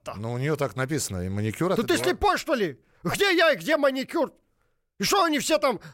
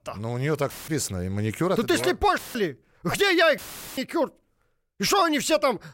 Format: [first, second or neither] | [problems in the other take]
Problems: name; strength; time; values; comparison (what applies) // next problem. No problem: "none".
first | audio cutting out; filled with static; at 0.5 s, at 2.5 s and at 3.5 s